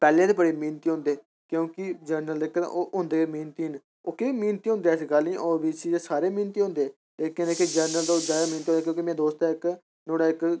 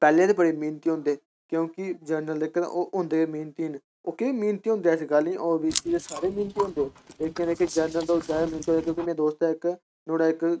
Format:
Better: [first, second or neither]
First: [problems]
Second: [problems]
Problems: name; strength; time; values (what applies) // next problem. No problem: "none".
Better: first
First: none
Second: noise reduction (neural mask model RNNoise)